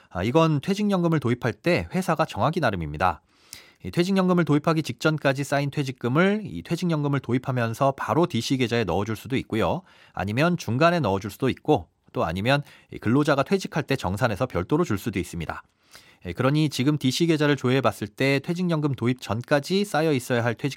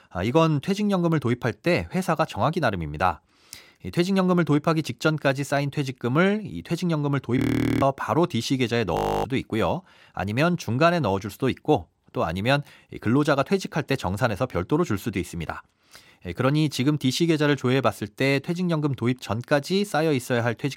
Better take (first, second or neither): first